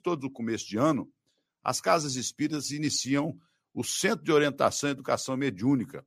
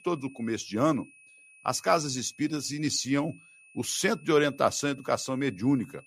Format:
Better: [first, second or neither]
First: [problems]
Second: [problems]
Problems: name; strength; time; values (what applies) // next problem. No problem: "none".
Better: first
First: none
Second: high-pitched whine; faint; throughout; 2.5 kHz, 25 dB below the speech